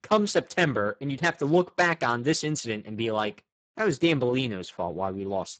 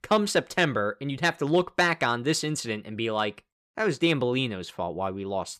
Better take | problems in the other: second | garbled, watery; badly; nothing above 7.5 kHz

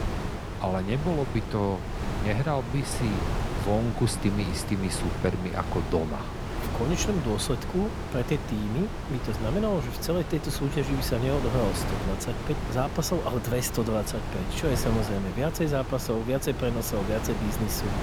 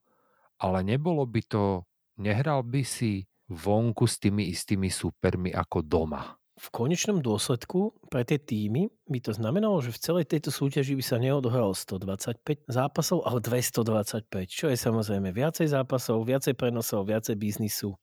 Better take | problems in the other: second | wind noise on the microphone; heavy; 5 dB below the speech

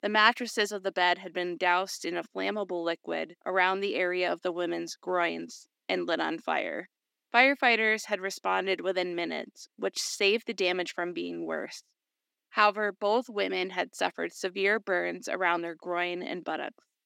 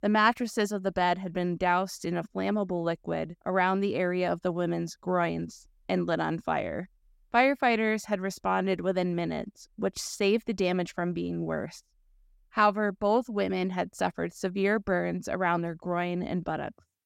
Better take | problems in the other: second | thin; somewhat; fading below 300 Hz

